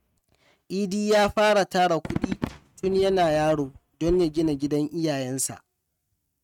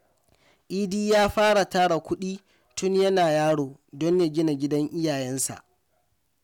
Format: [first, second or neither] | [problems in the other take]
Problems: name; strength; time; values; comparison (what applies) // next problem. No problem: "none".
second | noise reduction (neural mask model RNNoise)